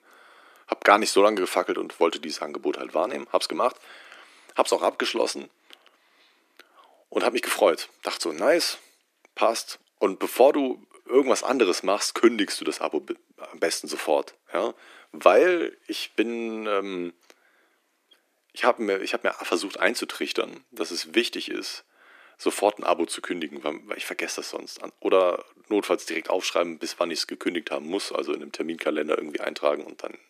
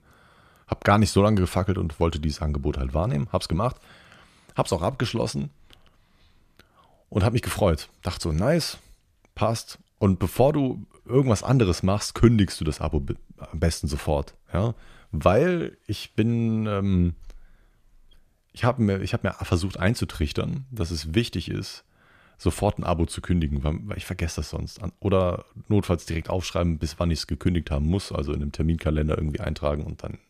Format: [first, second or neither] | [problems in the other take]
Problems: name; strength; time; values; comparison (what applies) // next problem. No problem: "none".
second | thin; very; fading below 300 Hz